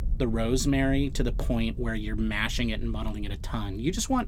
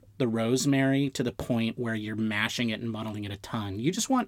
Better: second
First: low rumble; faint; throughout; 20 dB below the speech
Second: none

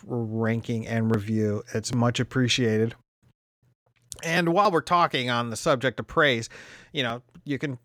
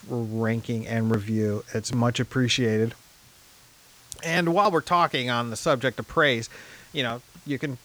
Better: first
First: none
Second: hiss; faint; throughout; 25 dB below the speech

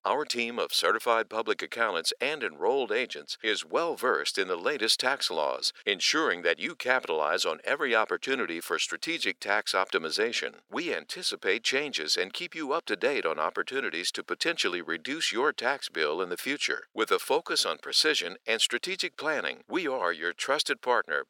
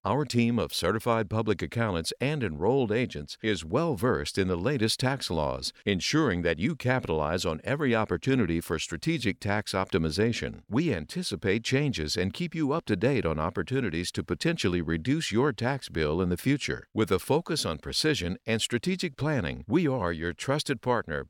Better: second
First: thin; very; fading below 400 Hz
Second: none

